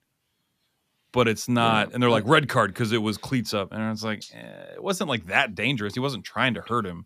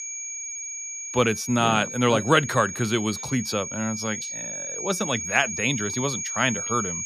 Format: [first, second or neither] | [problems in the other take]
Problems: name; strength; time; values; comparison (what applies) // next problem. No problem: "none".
first | high-pitched whine; loud; throughout; 6.5 kHz, 6 dB below the speech